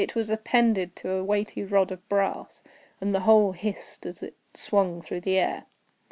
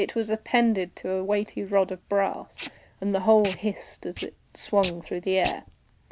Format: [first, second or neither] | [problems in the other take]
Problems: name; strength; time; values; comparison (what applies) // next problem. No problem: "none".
first | background sound (Packing tape, duct tape); 18 dB below the speech